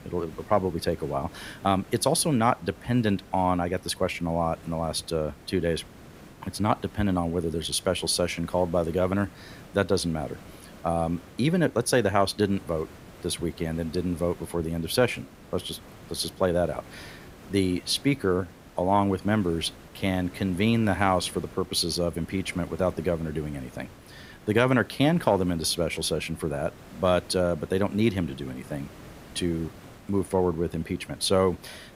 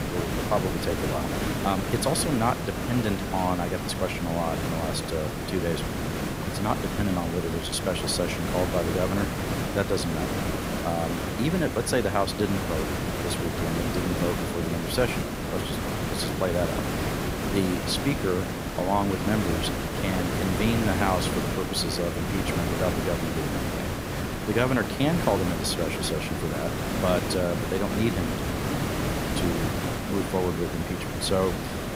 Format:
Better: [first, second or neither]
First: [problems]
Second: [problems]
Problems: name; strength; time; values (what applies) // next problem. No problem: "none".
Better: first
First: hiss; faint; throughout; 20 dB below the speech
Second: hiss; loud; throughout; as loud as the speech